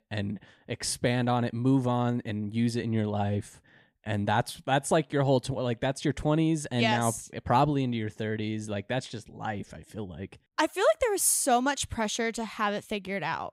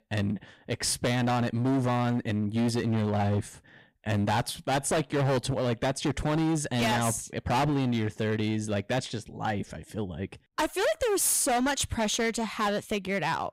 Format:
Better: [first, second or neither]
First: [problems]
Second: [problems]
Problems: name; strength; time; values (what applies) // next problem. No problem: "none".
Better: first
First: none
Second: distortion; heavy; 18% of the sound clipped